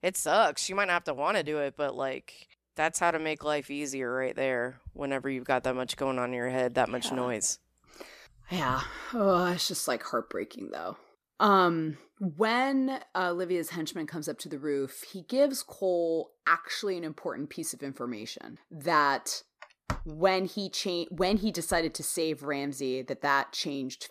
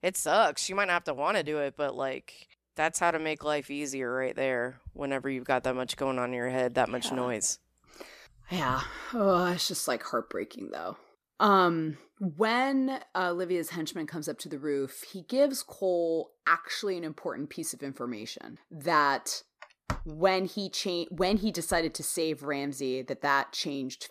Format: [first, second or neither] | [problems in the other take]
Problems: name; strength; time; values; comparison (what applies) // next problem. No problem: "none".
neither | none